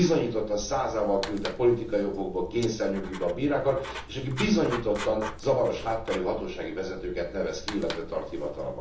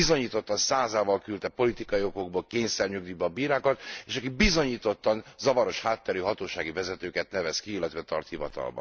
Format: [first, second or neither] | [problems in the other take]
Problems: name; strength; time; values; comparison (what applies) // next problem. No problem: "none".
second | background sound (Writing); 12 dB below the speech // room echo; dies away in 1.2 s